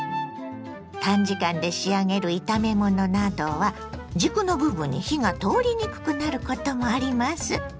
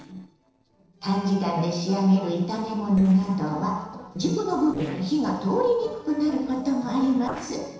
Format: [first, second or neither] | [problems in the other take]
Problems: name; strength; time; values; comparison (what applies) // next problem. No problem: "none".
first | noise reduction (neural separator model SepFormer DNS4)